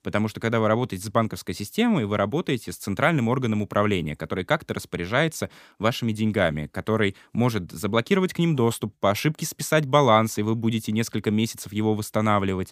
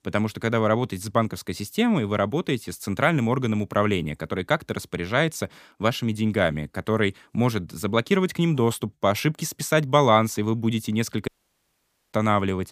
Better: first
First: none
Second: audio cutting out; at 11 s for 1 s

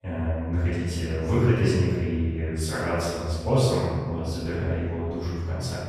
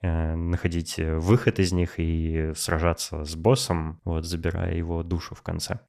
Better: second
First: off-mic speech; far // room echo; strong; dies away in 1.6 s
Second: none

